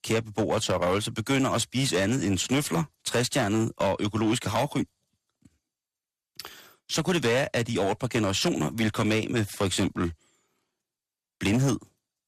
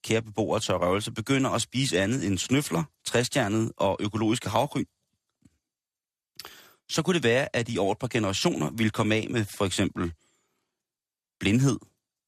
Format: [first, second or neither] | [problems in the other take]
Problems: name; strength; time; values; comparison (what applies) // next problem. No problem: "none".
second | distortion; slight; 8% of the sound clipped